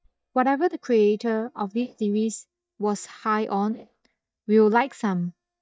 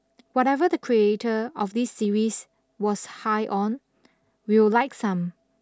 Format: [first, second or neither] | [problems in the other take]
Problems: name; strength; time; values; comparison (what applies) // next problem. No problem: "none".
second | noise reduction (neural mask model DeepFilterNet 3)